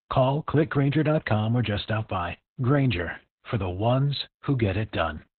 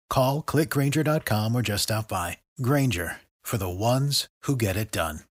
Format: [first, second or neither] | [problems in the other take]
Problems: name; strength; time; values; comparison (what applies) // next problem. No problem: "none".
second | garbled, watery; badly; nothing above 4 kHz